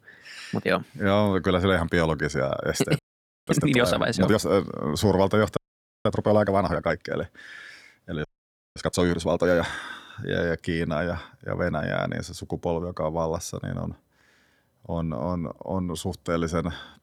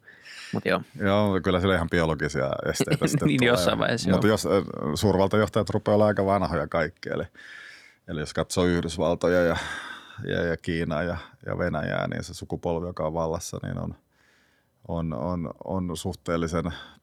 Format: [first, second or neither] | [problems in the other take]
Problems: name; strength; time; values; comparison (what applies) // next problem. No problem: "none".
second | audio freezing; at 3 s, at 5.5 s and at 8 s for 0.5 s